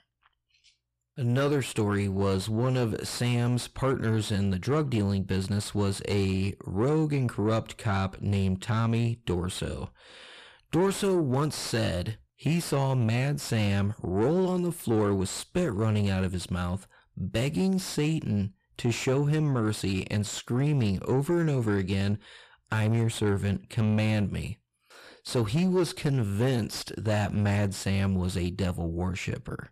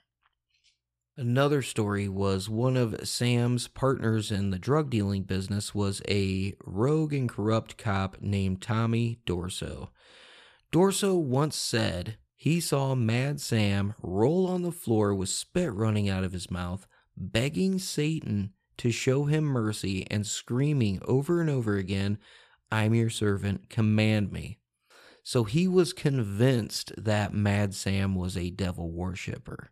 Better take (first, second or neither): second